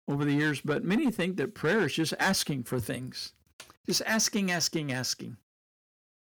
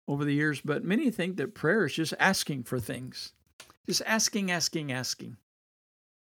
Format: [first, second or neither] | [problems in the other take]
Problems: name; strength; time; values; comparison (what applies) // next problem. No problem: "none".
second | distortion; slight; 5% of the sound clipped